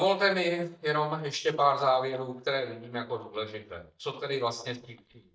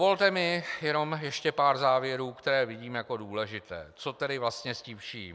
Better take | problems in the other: second | noise reduction (neural mask model DeepFilterNet 3)

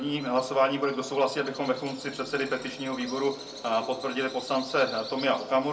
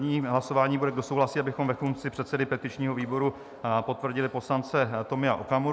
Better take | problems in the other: second | background sound (Bird vocalization, bird call, bird song); 16 dB below the speech // room echo; dies away in 0.2 s

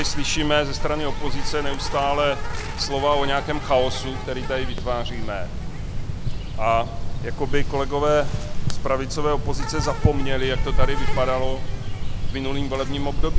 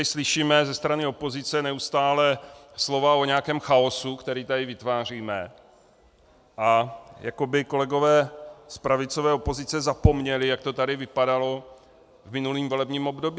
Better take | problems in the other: second | background sound (Insect); 3 dB above the speech

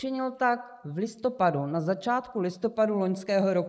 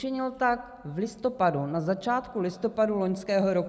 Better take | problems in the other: second | noise reduction (neural mask model Resemble Enhance denoiser)

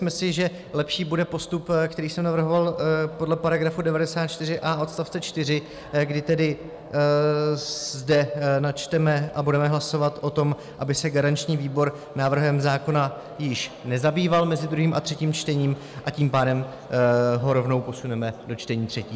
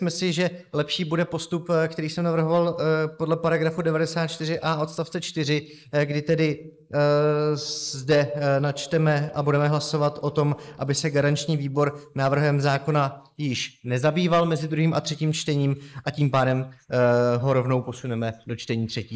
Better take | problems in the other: first | noise reduction (neural mask model Resemble Enhance denoiser)

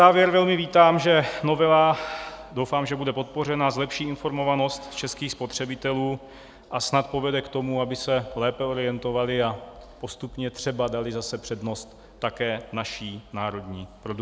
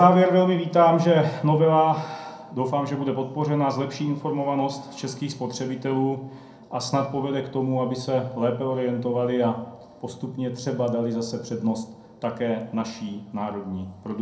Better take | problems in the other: first | room echo; dies away in 0.6 s

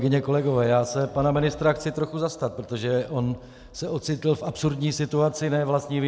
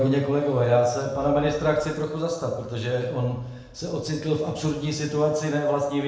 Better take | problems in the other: first | room echo; dies away in 0.8 s

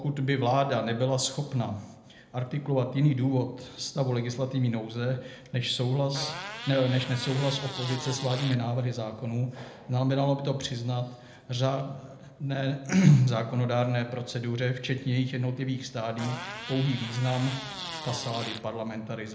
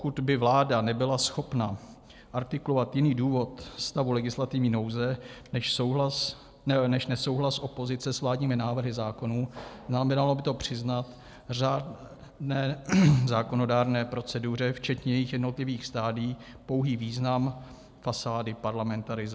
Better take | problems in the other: second | background sound (Fart); 11 dB below the speech // room echo; dies away in 0.7 s

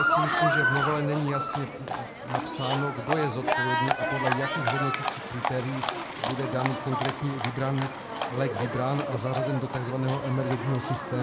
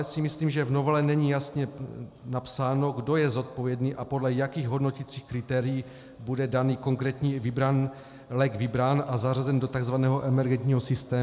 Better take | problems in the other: second | background sound (Livestock, farm animals, working animals); 1 dB above the speech

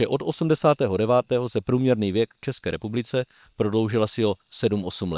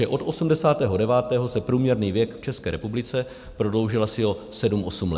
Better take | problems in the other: second | noise reduction (neural separator model SepFormer WHAM!)

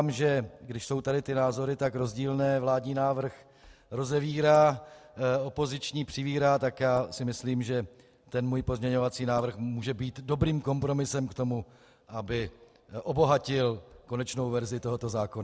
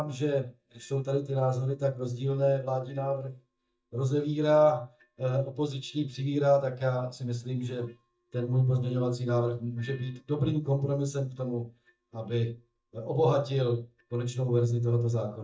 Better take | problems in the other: first | noise reduction (neural mask model DeepFilterNet 3)

